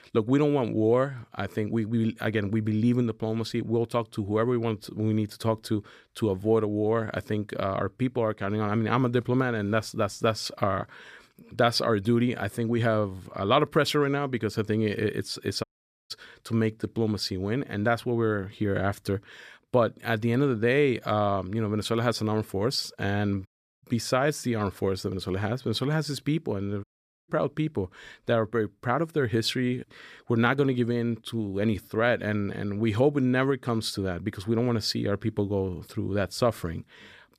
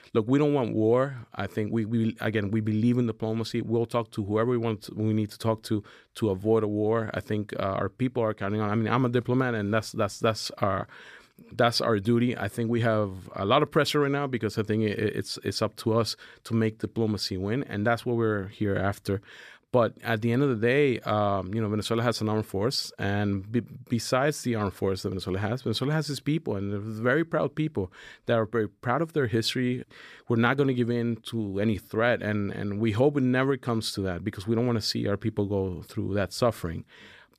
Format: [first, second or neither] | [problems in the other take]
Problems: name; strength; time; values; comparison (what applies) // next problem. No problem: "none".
second | audio cutting out; at 16 s, at 23 s and at 27 s